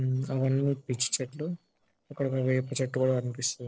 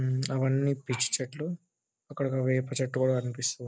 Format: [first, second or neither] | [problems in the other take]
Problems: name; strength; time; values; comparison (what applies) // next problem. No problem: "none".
second | noise reduction (neural separator model SepFormer DNS4)